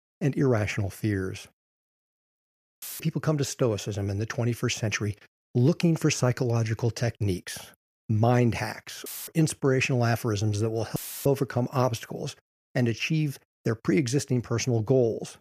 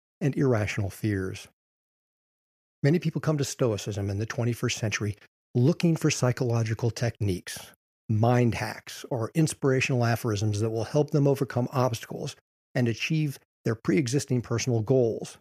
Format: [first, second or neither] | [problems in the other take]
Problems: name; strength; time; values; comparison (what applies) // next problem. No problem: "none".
second | audio cutting out; filled with static; at 3 s, at 9 s and at 11 s